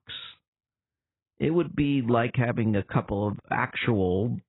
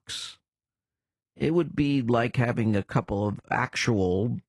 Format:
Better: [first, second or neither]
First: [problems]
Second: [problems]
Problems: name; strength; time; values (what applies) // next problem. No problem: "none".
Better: second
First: garbled, watery; badly; nothing above 4 kHz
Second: garbled, watery; slightly; nothing above 11.5 kHz